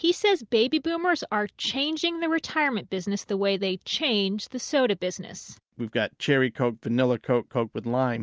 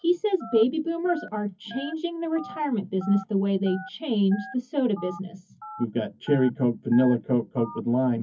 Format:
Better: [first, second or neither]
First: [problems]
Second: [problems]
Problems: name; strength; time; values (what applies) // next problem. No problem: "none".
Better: first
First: none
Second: noise reduction (classical method WPE with log-MMSE)